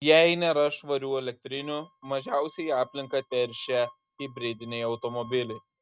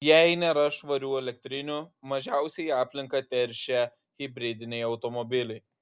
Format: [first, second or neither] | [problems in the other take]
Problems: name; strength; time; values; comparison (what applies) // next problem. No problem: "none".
second | noise reduction (neural mask model RNNoise)